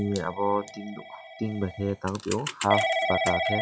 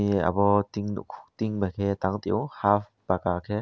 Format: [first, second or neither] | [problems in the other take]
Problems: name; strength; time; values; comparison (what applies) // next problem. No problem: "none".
second | noise reduction (classical method log-MMSE)